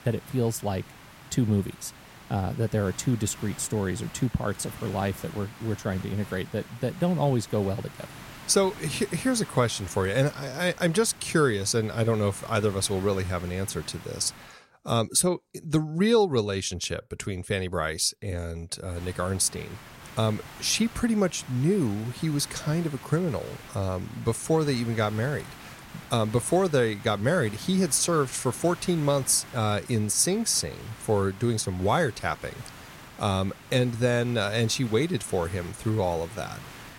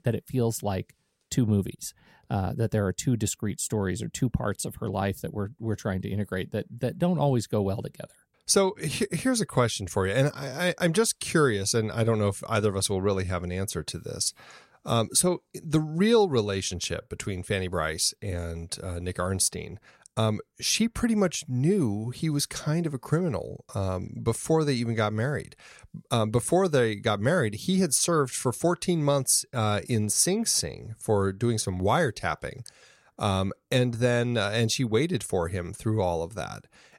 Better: second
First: hiss; noticeable; until 15 s and from 19 s on; 20 dB below the speech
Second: none

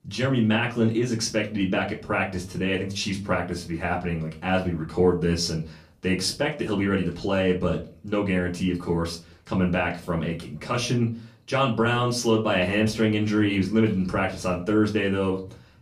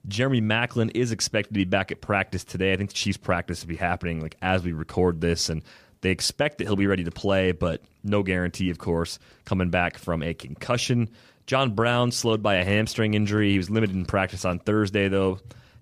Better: second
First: off-mic speech; far // room echo; very slight; dies away in 0.3 s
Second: none

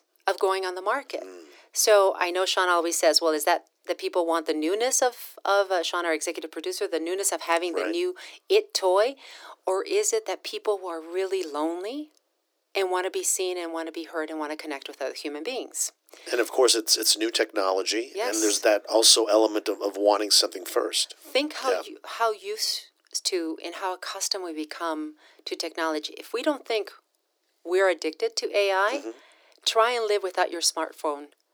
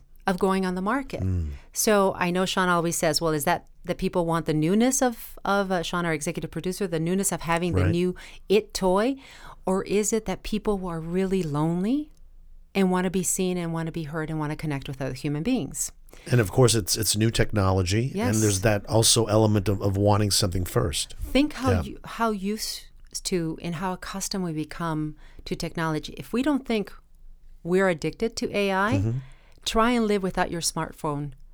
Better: second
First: thin; very; fading below 300 Hz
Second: none

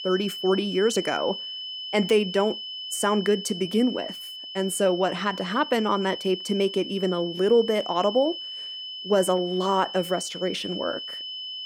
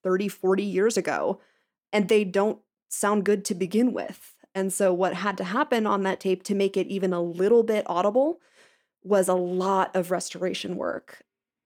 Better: second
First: high-pitched whine; loud; throughout; 3 kHz, 9 dB below the speech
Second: none

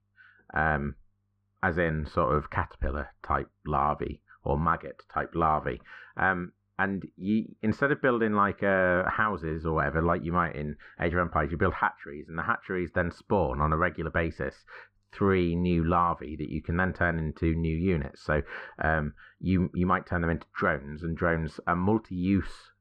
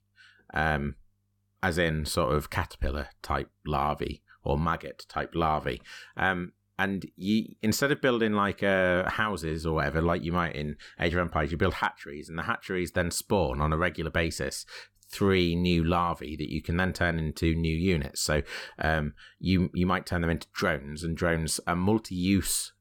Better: second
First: muffled; very; fading above 1.5 kHz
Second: none

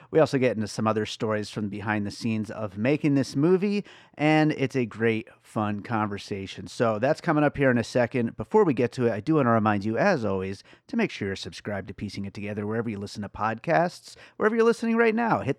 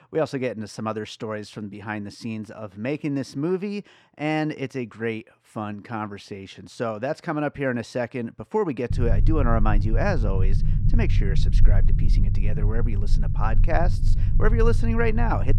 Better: first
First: none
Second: low rumble; noticeable; from 9 s on; 10 dB below the speech

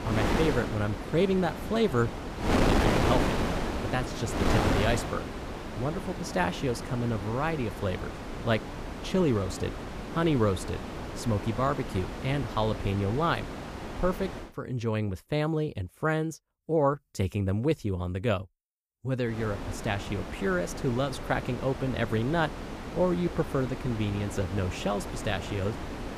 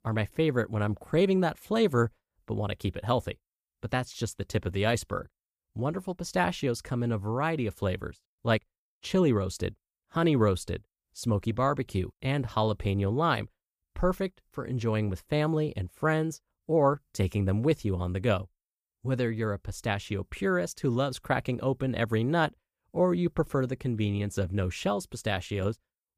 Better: second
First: wind noise on the microphone; heavy; until 14 s and from 19 s on; 4 dB below the speech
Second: none

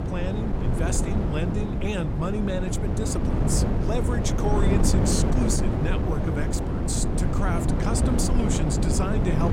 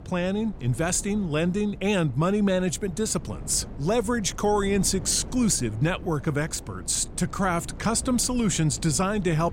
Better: second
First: wind noise on the microphone; heavy; as loud as the speech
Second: wind noise on the microphone; occasional gusts; 20 dB below the speech

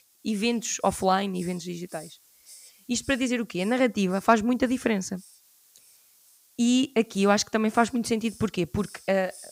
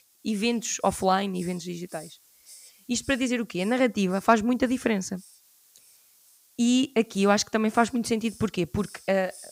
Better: neither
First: hiss; faint; throughout; 25 dB below the speech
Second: hiss; faint; throughout; 25 dB below the speech

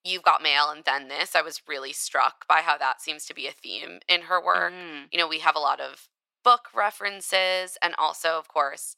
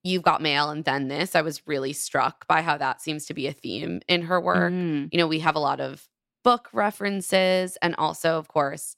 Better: second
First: thin; very; fading below 750 Hz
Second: none

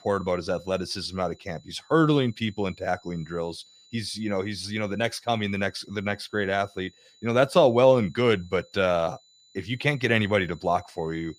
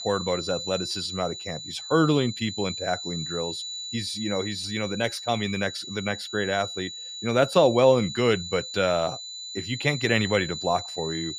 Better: first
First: high-pitched whine; faint; throughout; 4 kHz, 30 dB below the speech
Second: high-pitched whine; loud; throughout; 4 kHz, 8 dB below the speech

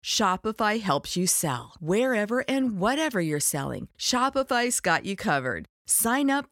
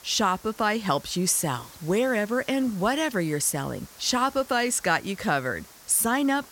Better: first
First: none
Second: hiss; faint; throughout; 20 dB below the speech

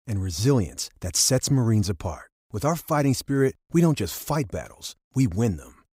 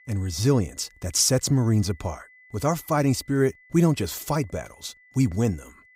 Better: first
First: none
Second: high-pitched whine; faint; throughout; 2 kHz, 30 dB below the speech

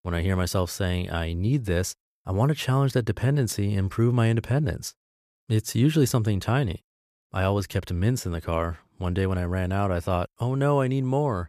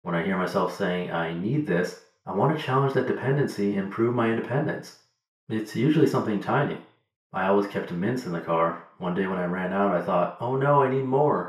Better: first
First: none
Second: room echo; slight; dies away in 0.5 s // off-mic speech; far

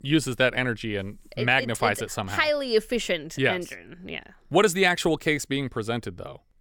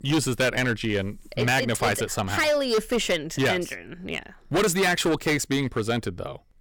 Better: first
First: none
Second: distortion; heavy; 11% of the sound clipped

